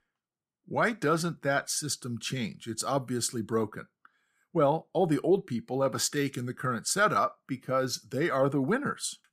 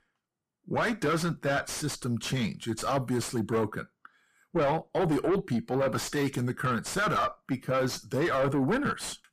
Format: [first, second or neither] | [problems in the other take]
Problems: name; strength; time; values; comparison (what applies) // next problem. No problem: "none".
first | distortion; heavy; 5 dB below the speech